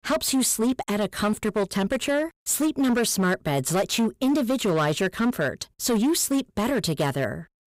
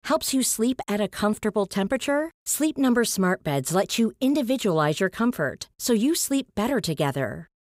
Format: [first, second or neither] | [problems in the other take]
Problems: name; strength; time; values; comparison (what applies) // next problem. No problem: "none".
second | distortion; slight; 13% of the sound clipped